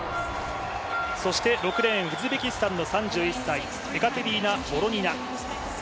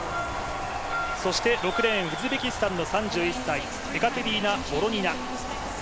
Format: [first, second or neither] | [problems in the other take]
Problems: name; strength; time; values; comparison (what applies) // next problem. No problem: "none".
first | background sound (Rain); 14 dB below the speech